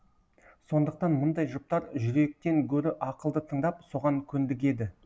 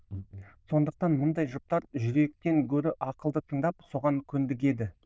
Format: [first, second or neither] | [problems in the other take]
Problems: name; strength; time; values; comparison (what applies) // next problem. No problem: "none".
first | noise reduction (neural diffusion model UNIVERSE++)